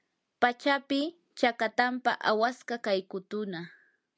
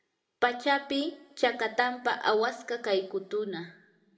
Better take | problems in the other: first | room echo; dies away in 0.7 s

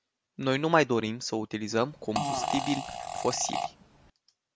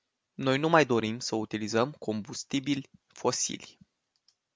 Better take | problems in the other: second | background sound (Fart); 4 dB below the speech

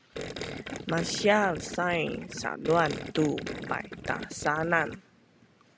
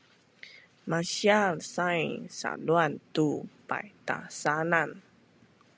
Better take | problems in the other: second | background sound (Gurgling); 9 dB below the speech

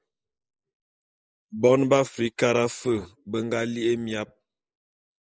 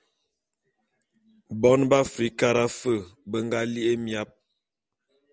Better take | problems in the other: second | noise reduction (neural mask model Resemble Enhance denoiser)

